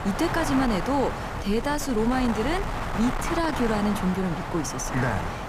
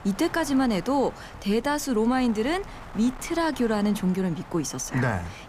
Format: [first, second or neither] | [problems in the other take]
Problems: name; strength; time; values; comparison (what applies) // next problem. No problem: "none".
second | wind noise on the microphone; heavy; 2 dB below the speech; occasional gusts in the second